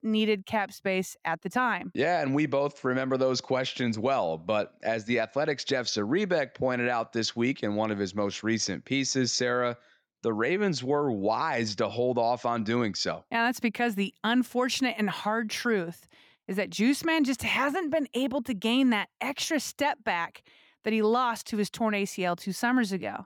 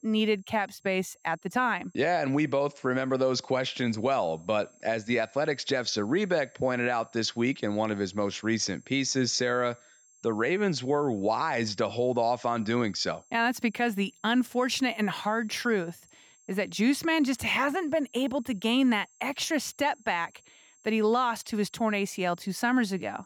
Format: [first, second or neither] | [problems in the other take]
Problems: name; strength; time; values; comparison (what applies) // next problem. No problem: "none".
first | high-pitched whine; faint; throughout; 7.5 kHz, 30 dB below the speech